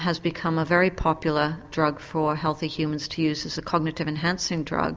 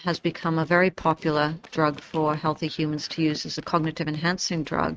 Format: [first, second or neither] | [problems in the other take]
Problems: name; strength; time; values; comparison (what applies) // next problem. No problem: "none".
first | noise reduction (neural mask model RNNoise)